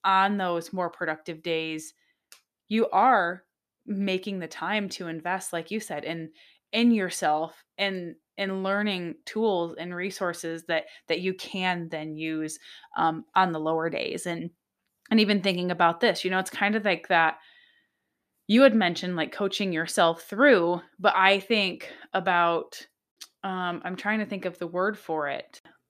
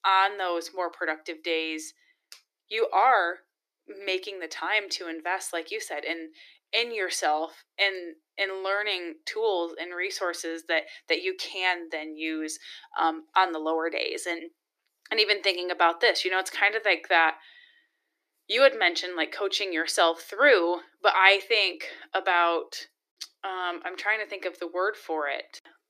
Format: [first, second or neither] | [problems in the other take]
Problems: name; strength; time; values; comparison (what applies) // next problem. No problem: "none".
first | thin; very; fading below 300 Hz